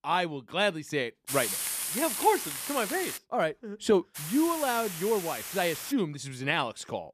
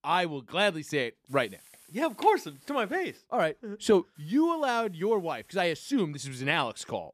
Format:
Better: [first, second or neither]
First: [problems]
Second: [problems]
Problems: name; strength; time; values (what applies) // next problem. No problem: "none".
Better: second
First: hiss; loud; from 1.5 to 3 s and from 4 to 6 s; 4 dB below the speech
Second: hiss; faint; from 1.5 to 3 s and from 4 to 6 s; 30 dB below the speech